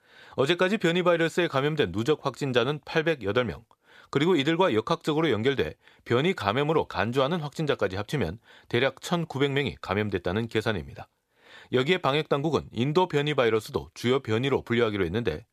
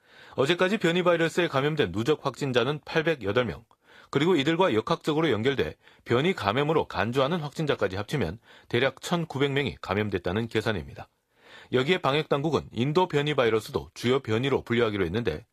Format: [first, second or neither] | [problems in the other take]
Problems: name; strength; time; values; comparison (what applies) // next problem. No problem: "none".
first | garbled, watery; slightly; nothing above 14.5 kHz